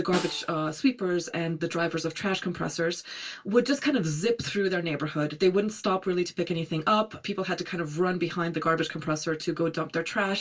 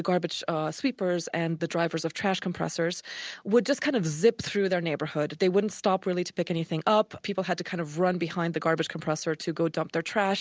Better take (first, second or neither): second